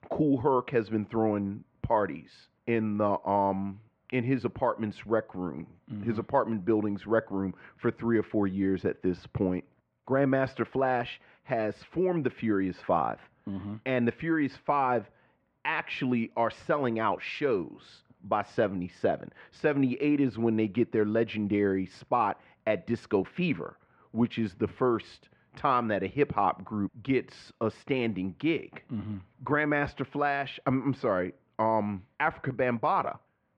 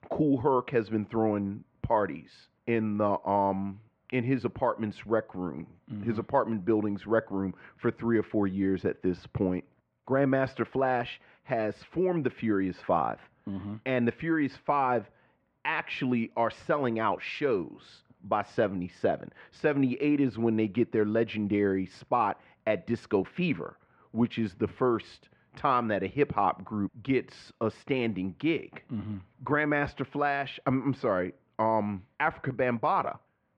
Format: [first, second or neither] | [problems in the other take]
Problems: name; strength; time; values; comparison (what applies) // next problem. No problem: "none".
neither | muffled; very; fading above 2 kHz; the same in both